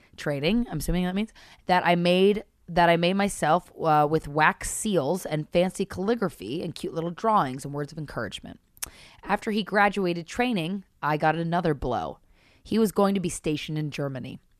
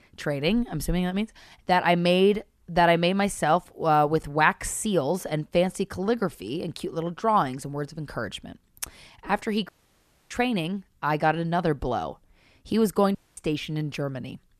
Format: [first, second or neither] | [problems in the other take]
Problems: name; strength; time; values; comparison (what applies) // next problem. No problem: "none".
first | audio cutting out; at 9.5 s for 0.5 s and at 13 s